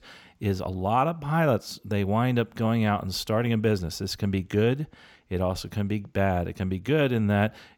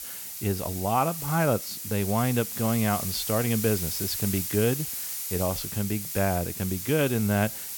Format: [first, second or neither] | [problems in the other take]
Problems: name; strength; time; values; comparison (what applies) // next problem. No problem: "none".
first | hiss; loud; throughout; 4 dB below the speech